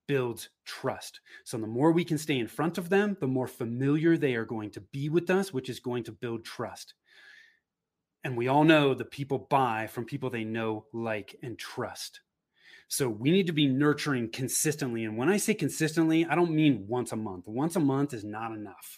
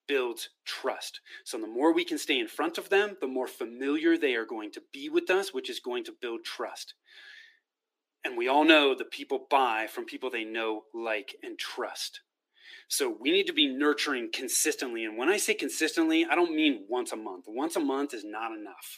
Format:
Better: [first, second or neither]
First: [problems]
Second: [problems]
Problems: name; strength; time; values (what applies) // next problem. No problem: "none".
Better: first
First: none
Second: thin; somewhat; fading below 300 Hz